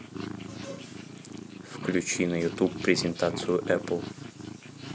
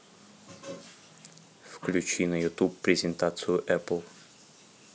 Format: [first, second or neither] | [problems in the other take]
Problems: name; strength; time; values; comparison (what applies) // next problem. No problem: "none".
second | background sound (Purr); 8 dB below the speech